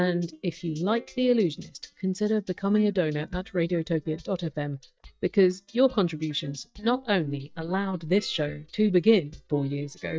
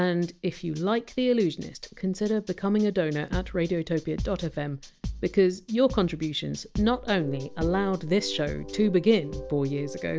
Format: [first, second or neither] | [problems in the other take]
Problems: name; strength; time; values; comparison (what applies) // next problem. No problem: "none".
second | noise reduction (neural mask model DeepFilterNet 3)